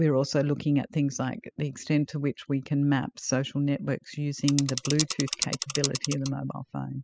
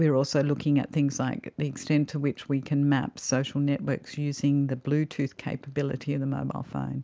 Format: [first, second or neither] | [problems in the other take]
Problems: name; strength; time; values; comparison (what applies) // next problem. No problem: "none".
second | noise reduction (classical method spectral subtraction)